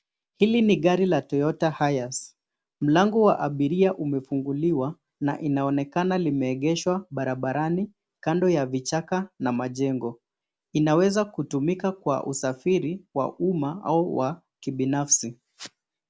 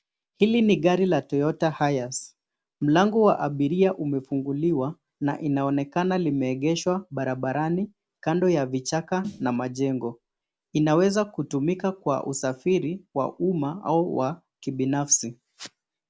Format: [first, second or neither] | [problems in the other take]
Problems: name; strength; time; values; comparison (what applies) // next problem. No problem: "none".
first | background sound (Snare drum); 18 dB below the speech